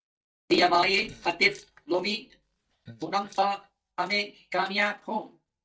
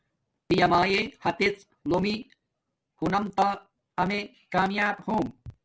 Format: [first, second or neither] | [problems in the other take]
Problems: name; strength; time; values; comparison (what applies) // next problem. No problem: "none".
second | noise reduction (neural mask model DeepFilterNet 3)